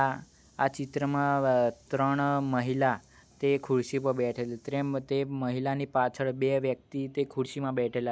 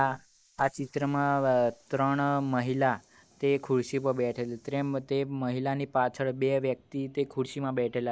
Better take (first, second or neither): first